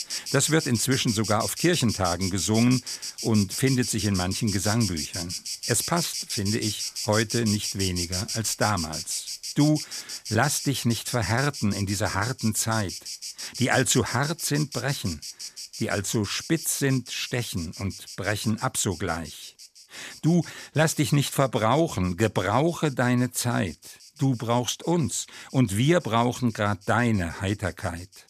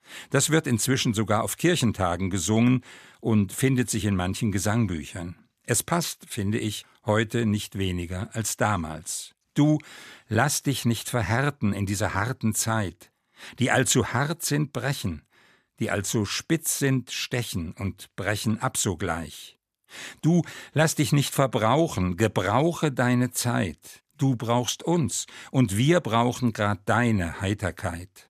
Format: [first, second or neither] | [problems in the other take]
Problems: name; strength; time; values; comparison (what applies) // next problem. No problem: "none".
second | animal sounds; loud; throughout; 7 dB below the speech